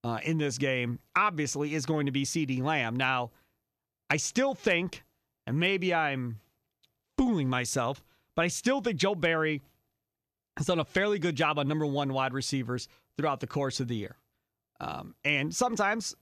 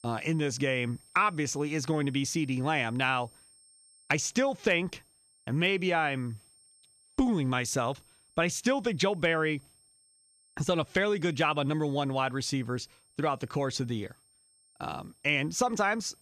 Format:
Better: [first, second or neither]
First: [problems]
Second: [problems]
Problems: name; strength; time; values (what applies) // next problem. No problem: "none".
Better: first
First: none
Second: high-pitched whine; faint; throughout; 8.5 kHz, 30 dB below the speech